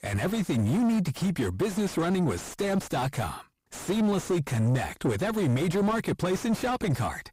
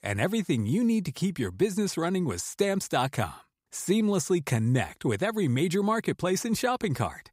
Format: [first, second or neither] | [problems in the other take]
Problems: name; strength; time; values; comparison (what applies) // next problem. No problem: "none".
second | distortion; heavy; 6 dB below the speech